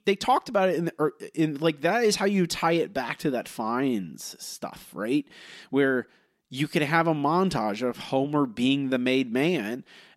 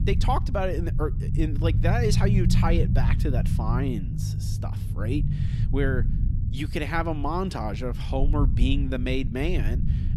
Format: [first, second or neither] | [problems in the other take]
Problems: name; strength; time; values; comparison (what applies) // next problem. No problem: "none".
first | low rumble; loud; throughout; 9 dB below the speech